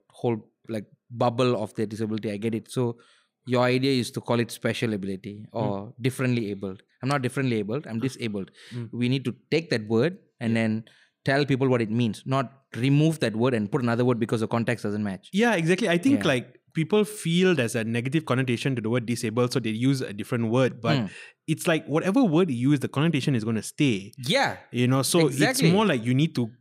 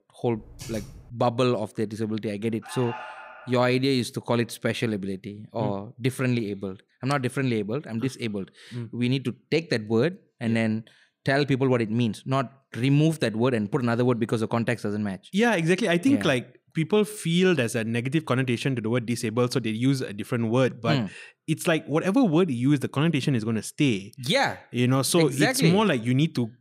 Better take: first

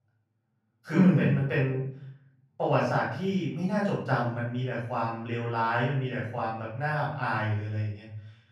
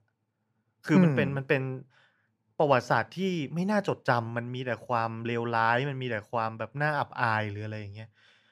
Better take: second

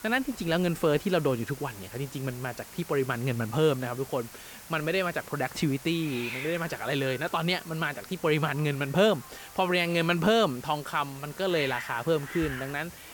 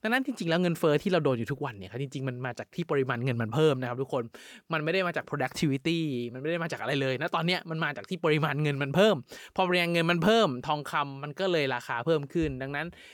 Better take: second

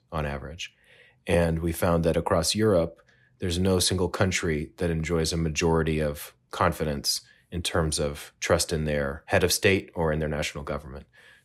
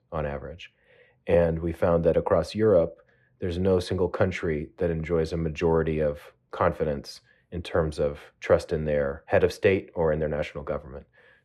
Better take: first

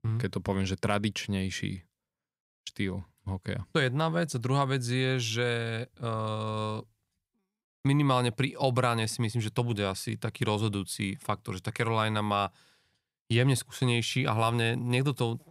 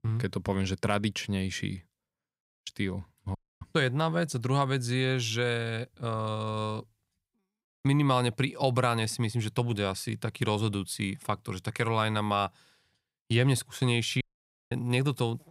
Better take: first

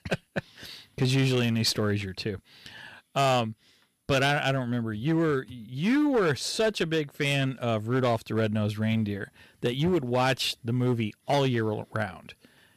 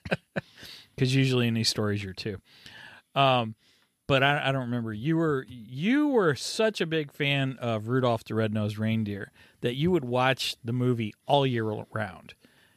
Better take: second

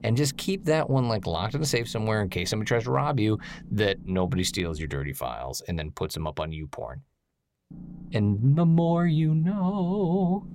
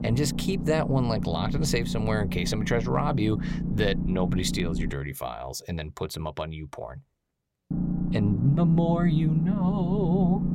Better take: first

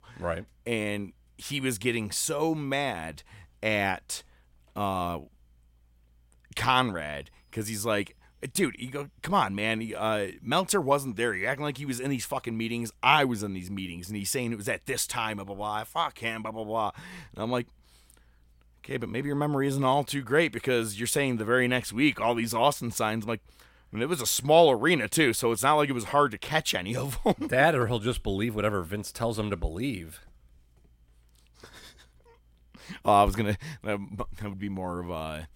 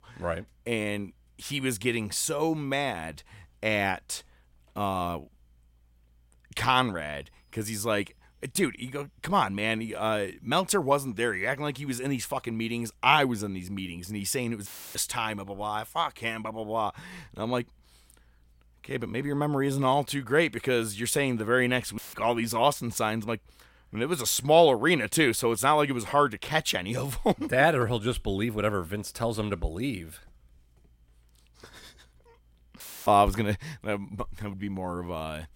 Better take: first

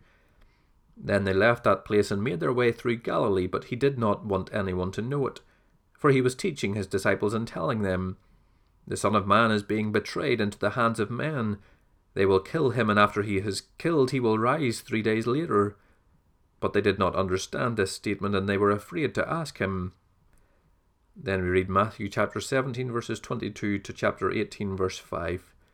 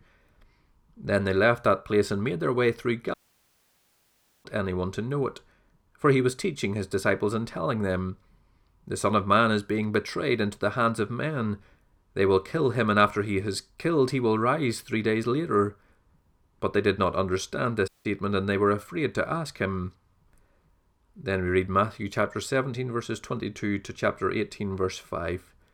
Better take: first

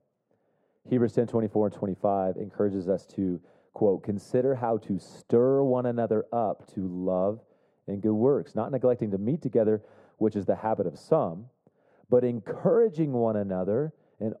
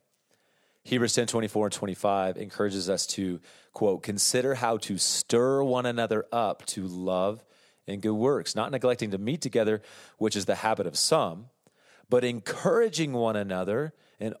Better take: second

